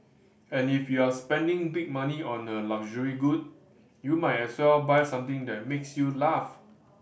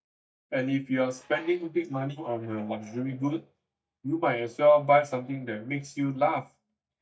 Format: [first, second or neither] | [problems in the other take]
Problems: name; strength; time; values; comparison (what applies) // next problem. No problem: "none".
first | noise reduction (neural mask model DeepFilterNet 3)